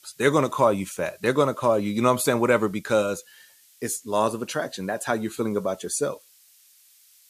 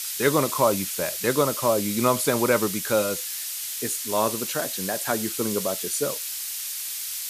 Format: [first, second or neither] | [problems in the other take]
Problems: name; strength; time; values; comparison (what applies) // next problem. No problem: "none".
first | hiss; loud; throughout; 3 dB below the speech; faint in the first